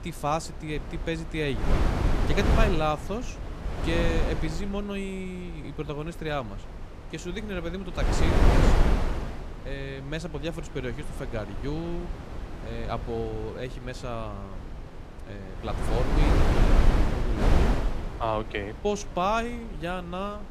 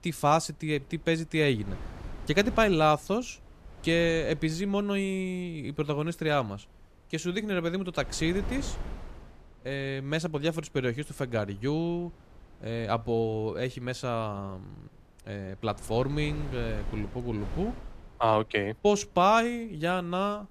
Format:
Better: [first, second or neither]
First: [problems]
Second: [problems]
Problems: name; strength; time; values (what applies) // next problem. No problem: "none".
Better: second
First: wind noise on the microphone; heavy; 1 dB below the speech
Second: wind noise on the microphone; occasional gusts; 20 dB below the speech